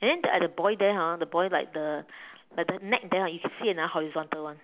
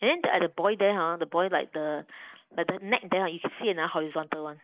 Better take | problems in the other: first | noise reduction (neural mask model Resemble Enhance denoiser)

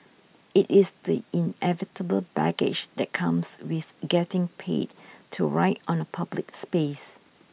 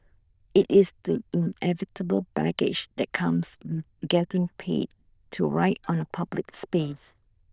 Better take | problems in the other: first | noise reduction (neural diffusion model UNIVERSE++)

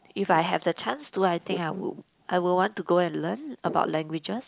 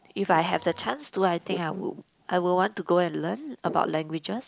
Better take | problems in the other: first | background sound (Printer); 20 dB below the speech

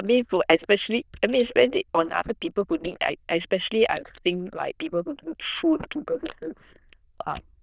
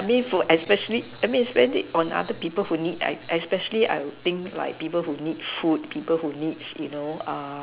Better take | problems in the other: second | noise reduction (neural diffusion model UNIVERSE++)

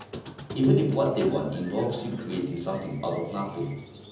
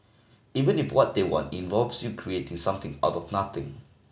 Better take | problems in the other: second | background sound (Squeak); 15 dB below the speech // room echo; dies away in 0.9 s

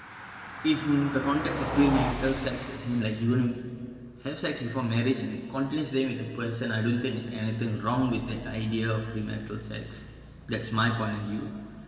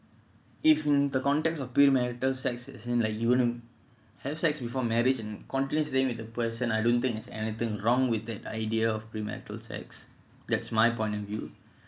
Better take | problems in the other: second | background sound (Car passing by); 11 dB below the speech // room echo; dies away in 2.3 s

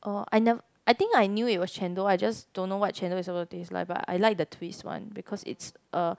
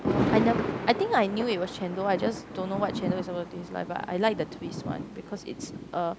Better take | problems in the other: first | background sound (Thunder); 3 dB below the speech

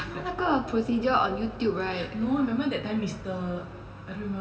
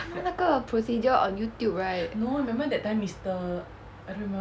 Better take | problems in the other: second | room echo; dies away in 3 s

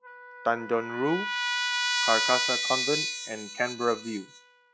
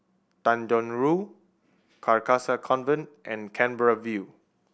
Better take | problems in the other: second | noise reduction (classical method log-MMSE)

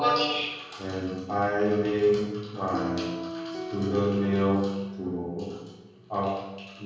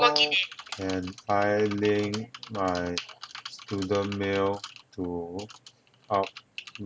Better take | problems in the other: second | background sound (Piano); 13 dB below the speech // room echo; dies away in 1.3 s

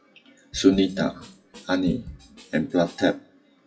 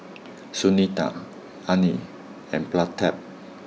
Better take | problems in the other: second | noise reduction (classical method WPE with log-MMSE)

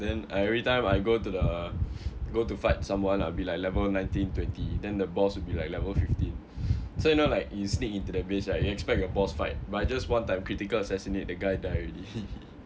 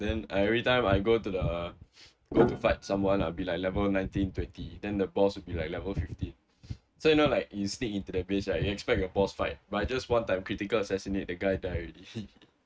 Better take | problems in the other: first | noise reduction (neural mask model RNNoise)

